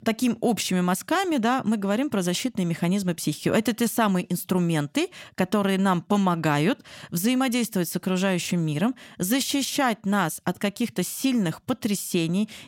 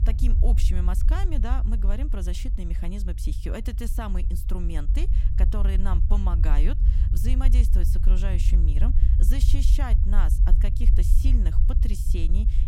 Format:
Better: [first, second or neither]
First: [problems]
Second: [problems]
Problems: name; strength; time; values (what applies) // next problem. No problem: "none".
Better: first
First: none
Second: low rumble; loud; throughout; 6 dB below the speech